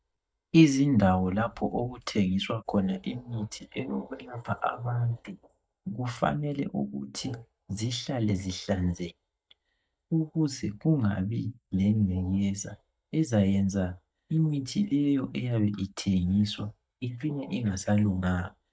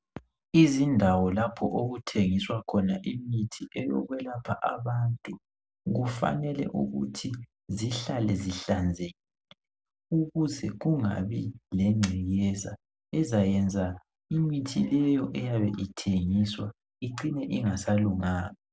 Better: second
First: noise reduction (neural mask model DeepFilterNet 3)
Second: none

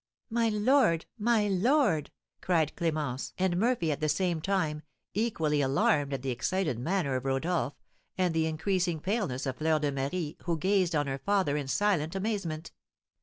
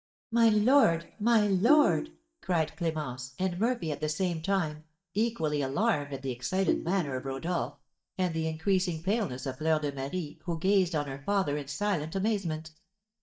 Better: first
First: none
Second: noise reduction (neural mask model DeepFilterNet 3)

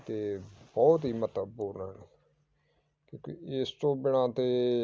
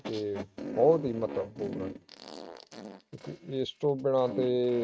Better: first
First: none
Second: noise reduction (neural mask model RNNoise)

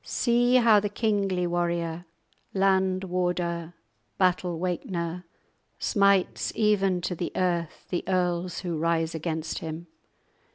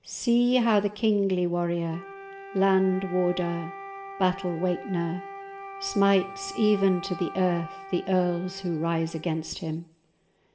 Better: first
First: none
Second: background sound (Wind instrument, woodwind instrument); 15 dB below the speech // room echo; dies away in 0.5 s

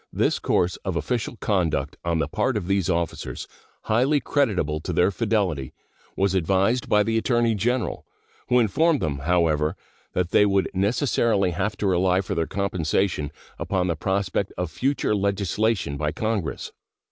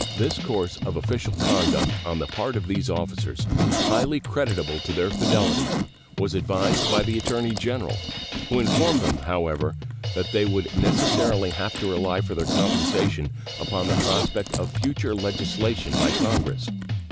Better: first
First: none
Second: background sound (Drum kit + Zipper (clothing)); 1 dB above the speech

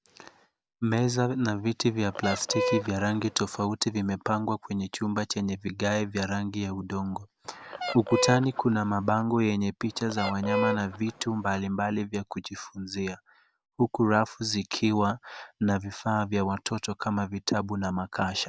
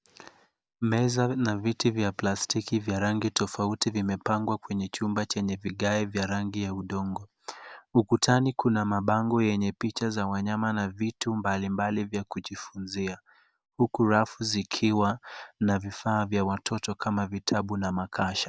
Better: second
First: background sound (Fowl); 5 dB below the speech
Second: none

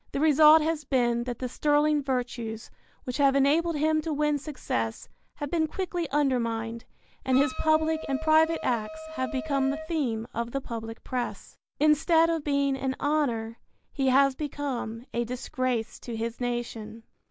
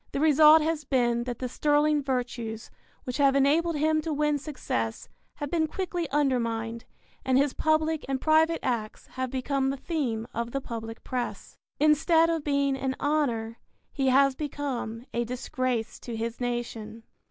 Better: second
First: background sound (Wind instrument, woodwind instrument); 12 dB below the speech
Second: none

